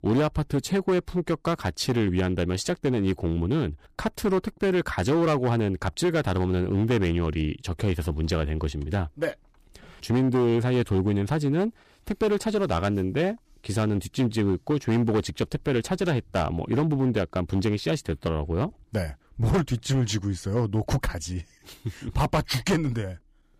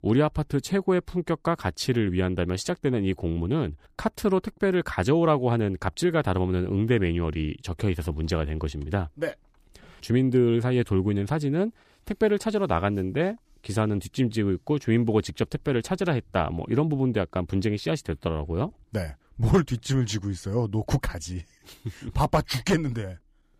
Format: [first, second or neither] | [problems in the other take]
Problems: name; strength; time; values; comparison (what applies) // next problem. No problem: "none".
second | distortion; slight; 8% of the sound clipped